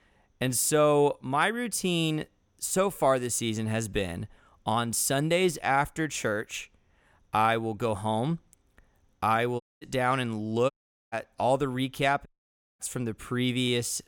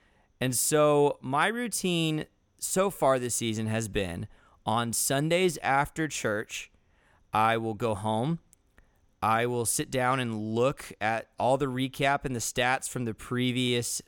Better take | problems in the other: second | audio cutting out; at 9.5 s, at 11 s and at 12 s for 0.5 s

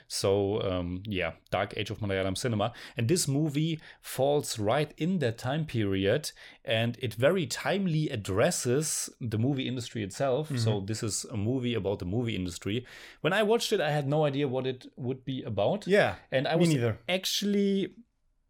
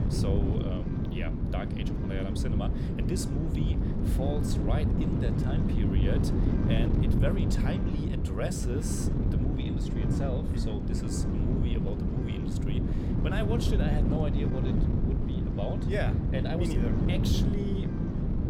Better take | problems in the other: first | wind noise on the microphone; heavy; 1 dB above the speech

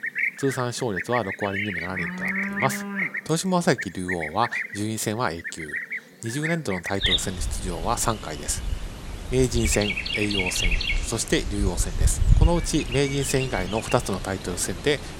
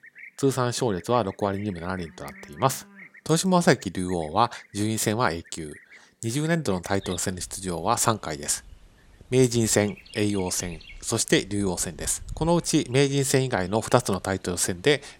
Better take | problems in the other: second | animal sounds; loud; throughout; 2 dB below the speech; faint in the second

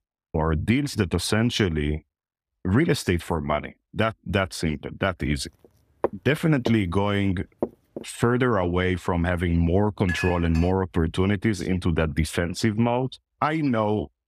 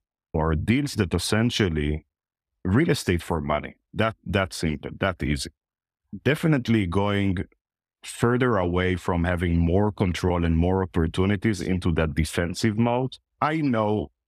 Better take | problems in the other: second | footsteps; noticeable; from 6 to 8 s; peak 6 dB below the speech // clattering dishes; noticeable; at 10 s; peak 6 dB below the speech

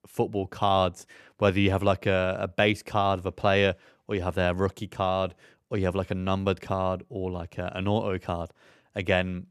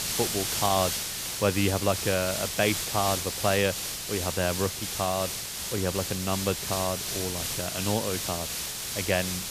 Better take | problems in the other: first | hiss; loud; throughout; 1 dB below the speech

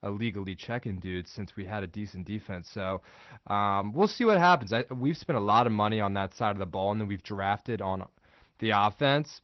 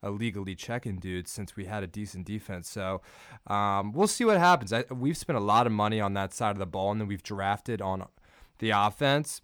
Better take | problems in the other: second | garbled, watery; slightly; nothing above 6 kHz

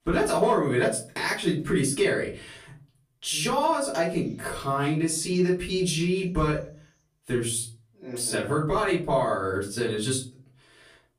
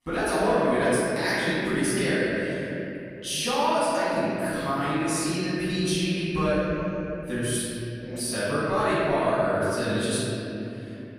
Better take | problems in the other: first | room echo; strong; dies away in 3 s; slight in the first // off-mic speech; far; far in the first

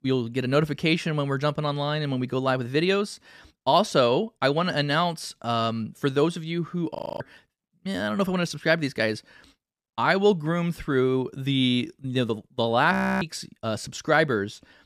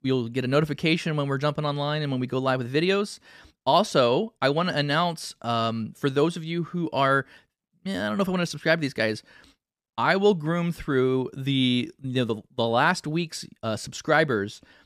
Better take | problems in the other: second | audio freezing; at 7 s and at 13 s

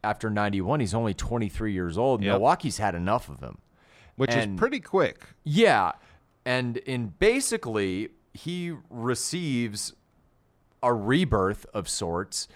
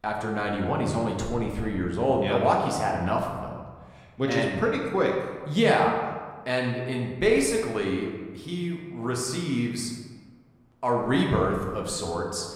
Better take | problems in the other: first | room echo; noticeable; dies away in 1.2 s // off-mic speech; somewhat distant

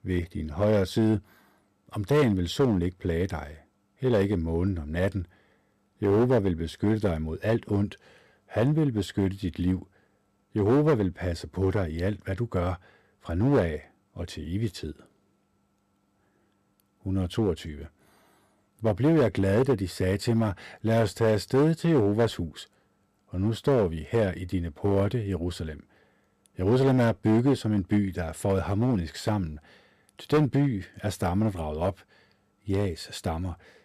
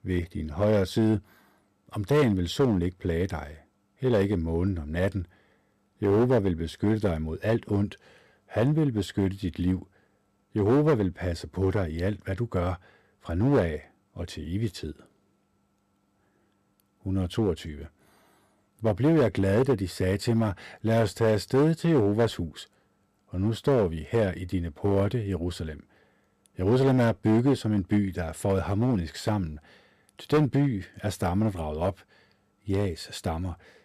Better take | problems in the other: neither | distortion; slight; 4% of the sound clipped; the same in both

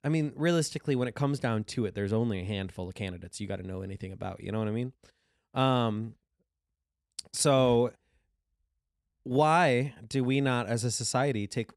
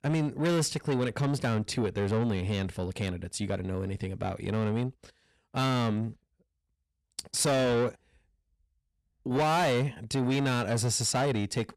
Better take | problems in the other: first | distortion; heavy; 7 dB below the speech

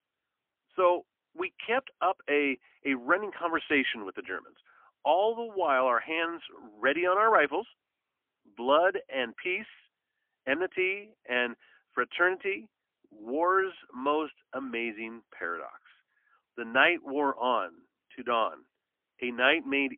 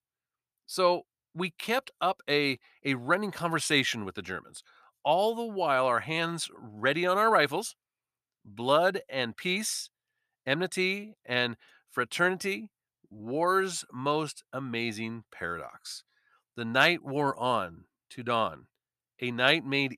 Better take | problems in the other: second | phone-call audio; poor line; nothing above 3 kHz

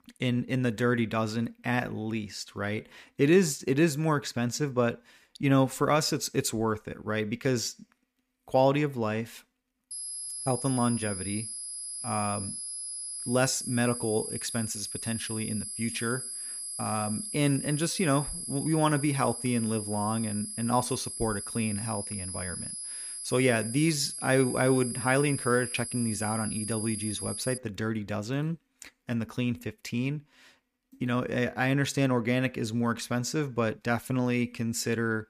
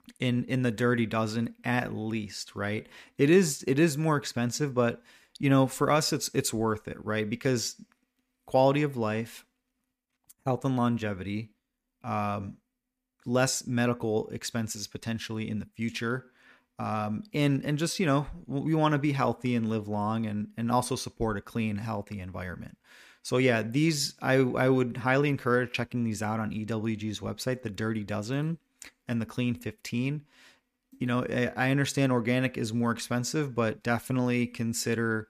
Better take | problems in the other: second | high-pitched whine; loud; from 10 to 28 s; 11 kHz, 6 dB below the speech

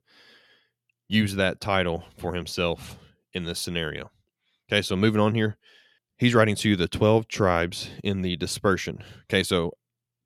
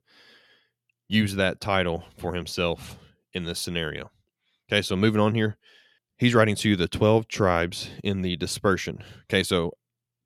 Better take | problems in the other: neither | none

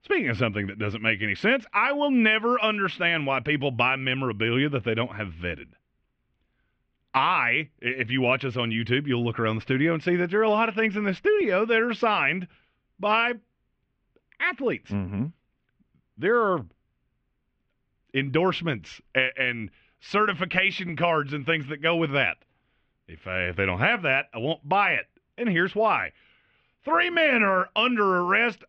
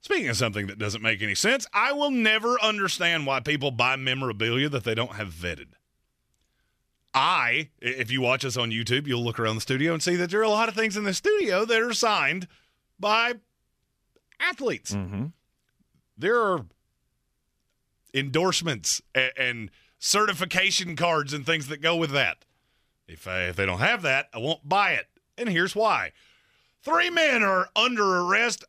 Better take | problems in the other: second | muffled; very; fading above 2.5 kHz

